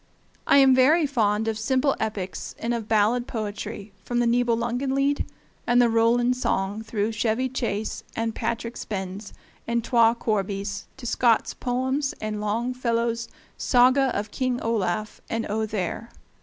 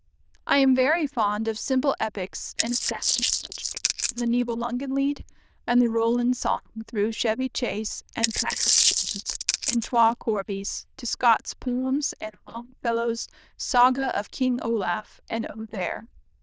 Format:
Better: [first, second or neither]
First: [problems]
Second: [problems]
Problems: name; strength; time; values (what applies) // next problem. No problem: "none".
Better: first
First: none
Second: noise reduction (neural diffusion model UNIVERSE++)